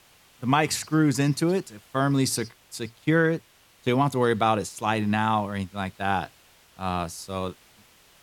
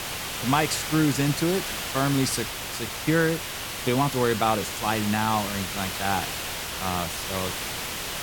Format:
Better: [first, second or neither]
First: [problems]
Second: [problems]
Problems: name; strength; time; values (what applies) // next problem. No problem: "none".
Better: first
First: hiss; faint; throughout; 30 dB below the speech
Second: hiss; loud; throughout; 4 dB below the speech